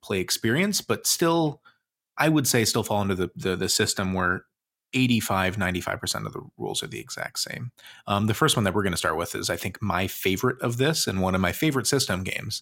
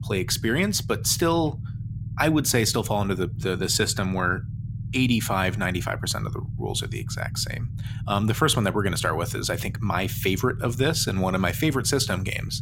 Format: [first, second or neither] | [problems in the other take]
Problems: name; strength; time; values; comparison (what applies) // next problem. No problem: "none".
first | low rumble; faint; throughout; 20 dB below the speech